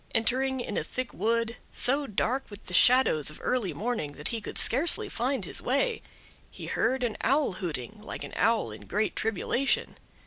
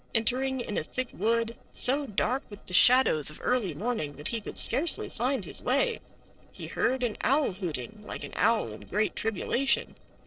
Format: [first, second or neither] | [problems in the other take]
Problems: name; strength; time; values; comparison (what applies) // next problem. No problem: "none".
first | noise reduction (neural separator model SepFormer DNS4)